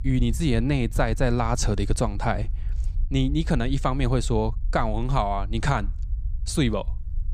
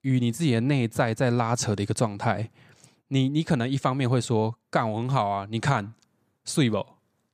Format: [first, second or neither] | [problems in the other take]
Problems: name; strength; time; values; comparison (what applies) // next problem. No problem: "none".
second | low rumble; faint; throughout; 25 dB below the speech